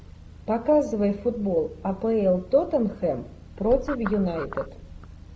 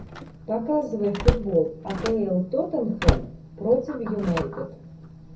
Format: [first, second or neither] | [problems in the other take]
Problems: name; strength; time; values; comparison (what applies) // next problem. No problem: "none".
first | background sound (Slam); 4 dB below the speech // room echo; dies away in 0.3 s